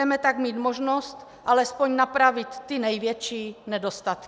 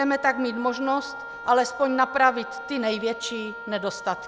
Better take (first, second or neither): first